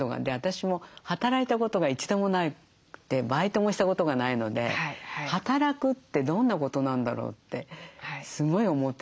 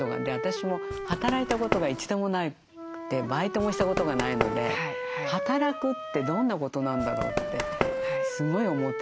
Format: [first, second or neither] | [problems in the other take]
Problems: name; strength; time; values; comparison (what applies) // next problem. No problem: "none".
first | background sound (Run + Wind instrument, woodwind instrument); 3 dB below the speech